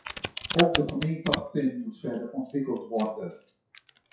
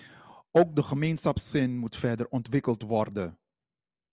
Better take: second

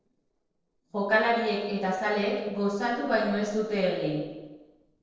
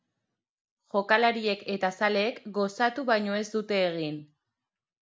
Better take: second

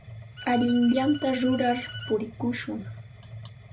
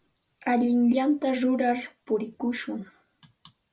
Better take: second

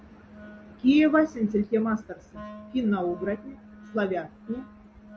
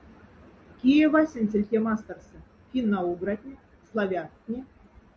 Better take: second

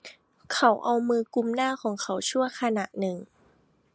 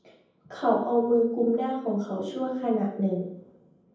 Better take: first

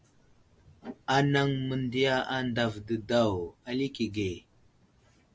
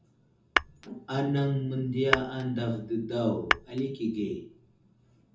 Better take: first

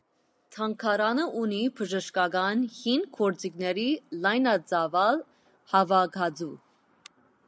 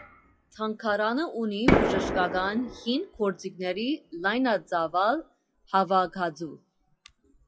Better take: first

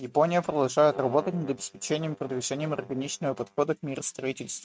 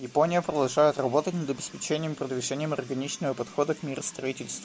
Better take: second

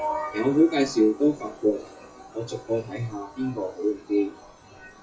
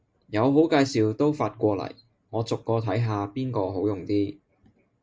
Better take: second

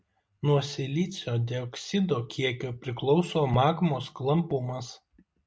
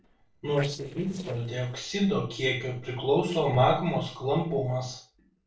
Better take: first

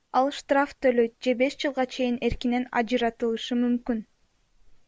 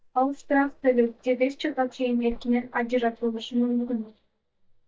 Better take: first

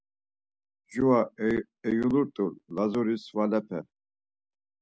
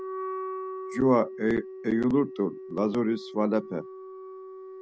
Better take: first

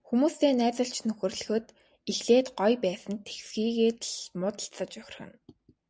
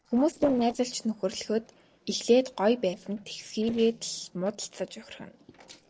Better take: first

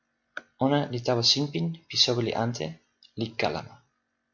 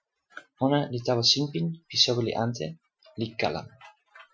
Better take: first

